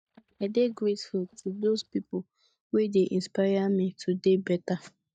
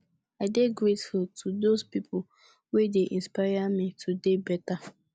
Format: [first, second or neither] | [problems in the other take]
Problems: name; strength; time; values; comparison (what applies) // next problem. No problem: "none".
second | noise reduction (neural mask model DeepFilterNet 3)